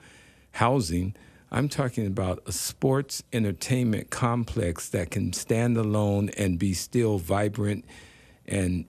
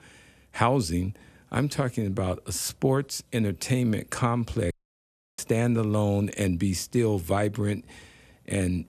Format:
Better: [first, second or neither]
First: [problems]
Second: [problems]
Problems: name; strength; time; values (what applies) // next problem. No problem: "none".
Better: first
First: none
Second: audio cutting out; at 4.5 s for 0.5 s